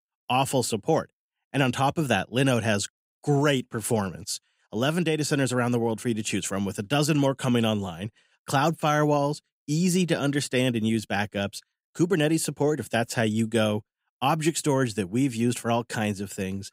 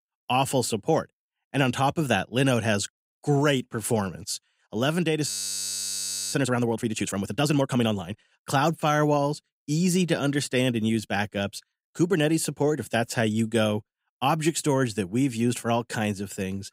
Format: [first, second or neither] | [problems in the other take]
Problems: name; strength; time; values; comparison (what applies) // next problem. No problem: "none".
first | audio freezing; at 5.5 s for 1 s